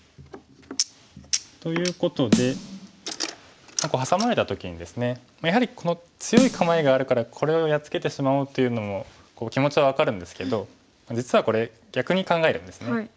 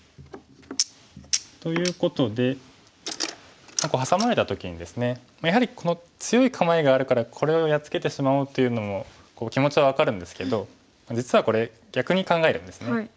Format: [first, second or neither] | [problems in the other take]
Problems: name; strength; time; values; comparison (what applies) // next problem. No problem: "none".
second | background sound (Snare drum); 5 dB below the speech